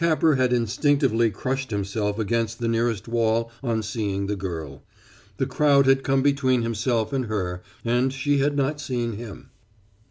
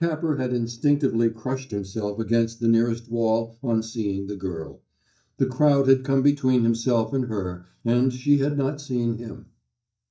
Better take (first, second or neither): first